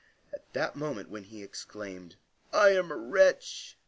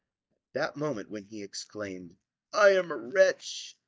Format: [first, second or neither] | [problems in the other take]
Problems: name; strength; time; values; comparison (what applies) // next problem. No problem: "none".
first | noise reduction (neural mask model DeepFilterNet 3)